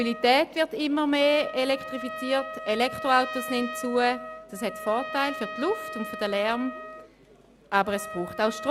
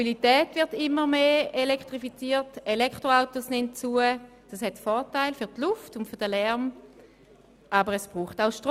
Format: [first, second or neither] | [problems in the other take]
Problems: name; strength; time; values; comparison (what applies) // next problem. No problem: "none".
second | background sound (Trumpet); 11 dB below the speech